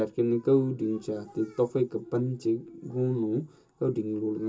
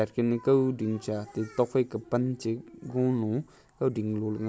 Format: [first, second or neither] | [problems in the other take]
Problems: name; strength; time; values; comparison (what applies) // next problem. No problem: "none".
second | room echo; dies away in 0.2 s